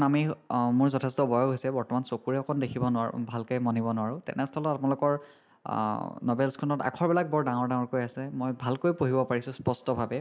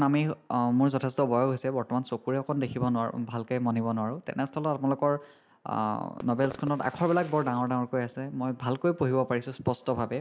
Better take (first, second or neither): first